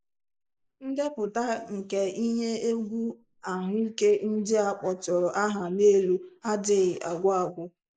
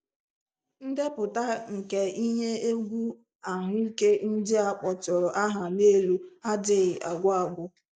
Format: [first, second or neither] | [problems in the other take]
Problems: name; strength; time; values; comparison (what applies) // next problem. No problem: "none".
second | noise reduction (neural mask model Resemble Enhance denoiser)